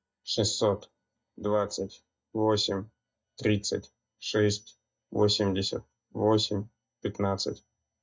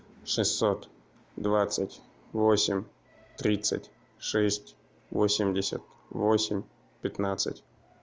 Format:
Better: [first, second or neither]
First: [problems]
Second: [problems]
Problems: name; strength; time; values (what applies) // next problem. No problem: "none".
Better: second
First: noise reduction (neural mask model DeepFilterNet 3)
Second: none